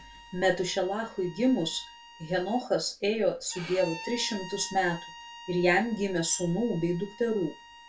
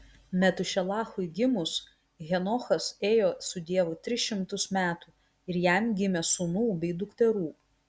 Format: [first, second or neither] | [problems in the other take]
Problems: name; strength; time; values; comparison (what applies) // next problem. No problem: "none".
second | background sound (Bowed string instrument); 17 dB below the speech // room echo; dies away in 0.2 s